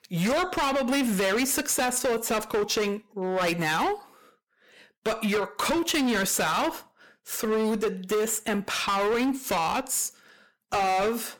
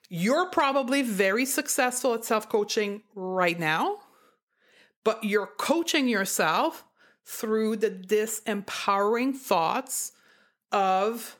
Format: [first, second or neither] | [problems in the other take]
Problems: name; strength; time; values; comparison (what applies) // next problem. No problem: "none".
second | distortion; heavy; 21% of the sound clipped